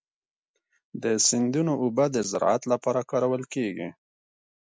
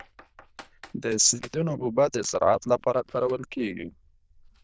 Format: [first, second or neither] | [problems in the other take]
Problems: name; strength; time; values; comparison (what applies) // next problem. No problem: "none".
first | noise reduction (neural diffusion model UNIVERSE++)